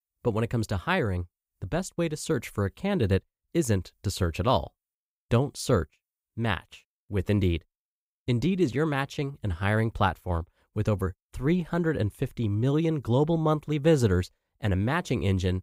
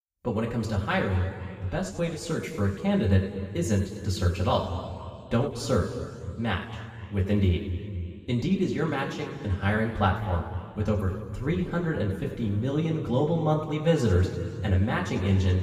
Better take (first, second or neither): first